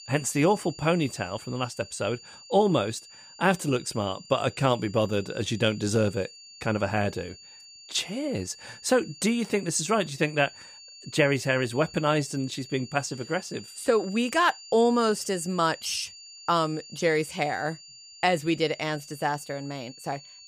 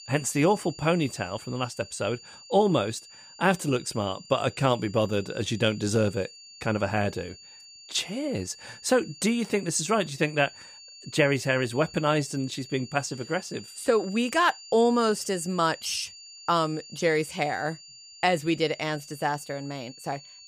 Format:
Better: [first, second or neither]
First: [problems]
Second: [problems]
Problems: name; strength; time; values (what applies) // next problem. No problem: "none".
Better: neither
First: high-pitched whine; noticeable; throughout; 4.5 kHz, 20 dB below the speech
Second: high-pitched whine; noticeable; throughout; 4.5 kHz, 20 dB below the speech